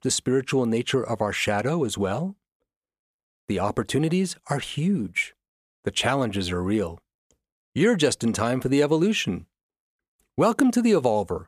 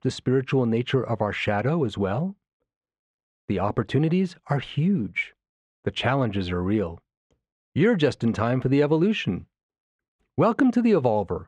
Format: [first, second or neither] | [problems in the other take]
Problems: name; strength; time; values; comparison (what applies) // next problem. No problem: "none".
first | muffled; slightly; fading above 3 kHz